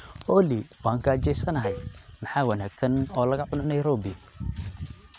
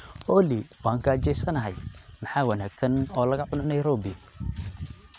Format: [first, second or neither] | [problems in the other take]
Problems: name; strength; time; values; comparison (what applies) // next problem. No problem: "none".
second | background sound (Cowbell); 13 dB below the speech